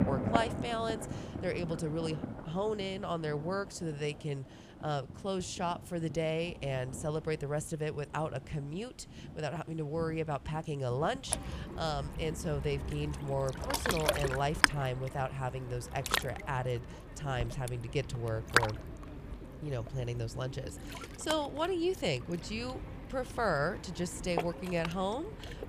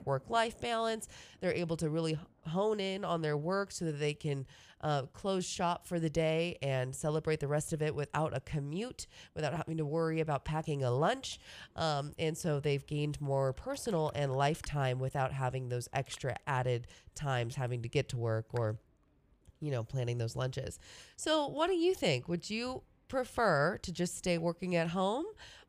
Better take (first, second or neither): second